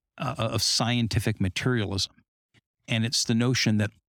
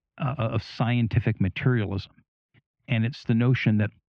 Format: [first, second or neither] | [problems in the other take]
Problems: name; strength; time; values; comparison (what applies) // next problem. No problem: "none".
first | muffled; very; fading above 2.5 kHz